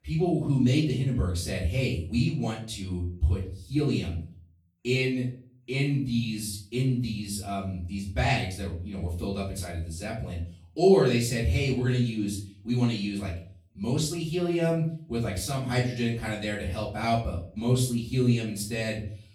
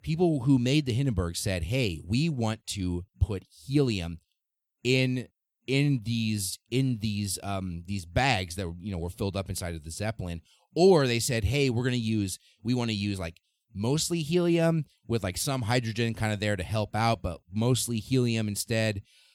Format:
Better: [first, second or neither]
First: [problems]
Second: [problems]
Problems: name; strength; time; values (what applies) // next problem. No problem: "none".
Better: second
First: off-mic speech; far // room echo; slight; dies away in 0.4 s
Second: none